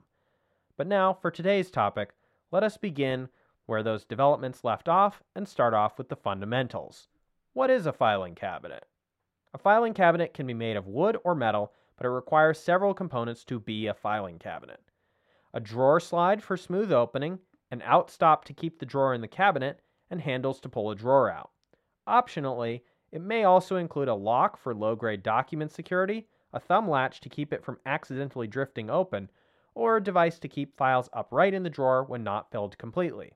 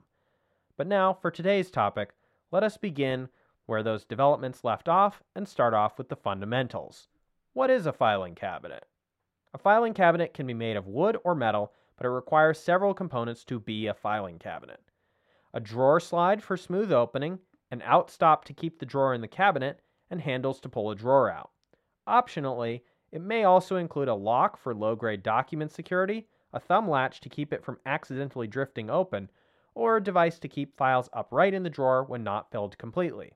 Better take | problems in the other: neither | muffled; slightly; fading above 3.5 kHz; the same in both

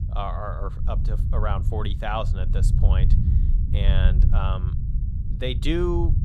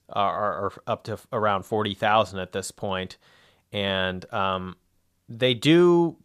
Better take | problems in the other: second | low rumble; loud; throughout; 9 dB below the speech

